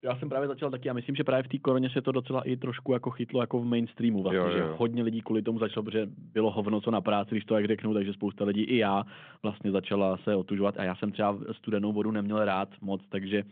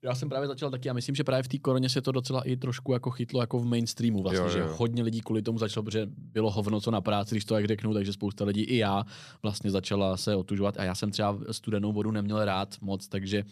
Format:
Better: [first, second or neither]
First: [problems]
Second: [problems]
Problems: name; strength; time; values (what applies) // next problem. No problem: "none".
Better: second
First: phone-call audio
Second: none